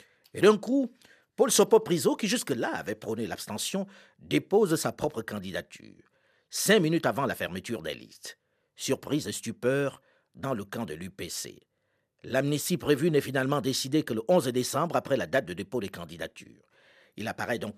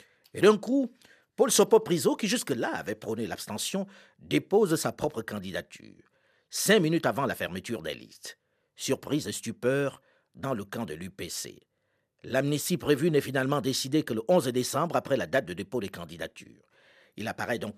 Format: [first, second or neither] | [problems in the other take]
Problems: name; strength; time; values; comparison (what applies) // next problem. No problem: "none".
neither | none